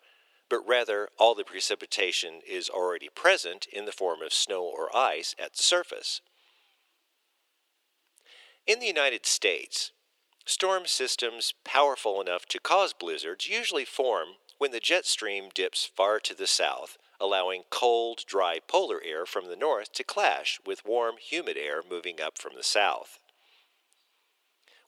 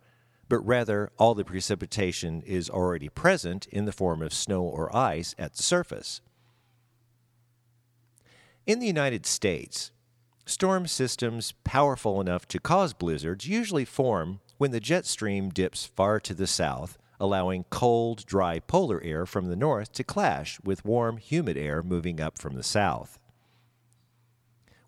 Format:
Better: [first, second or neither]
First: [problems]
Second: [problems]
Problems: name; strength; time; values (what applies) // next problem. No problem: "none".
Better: second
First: thin; very; fading below 400 Hz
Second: none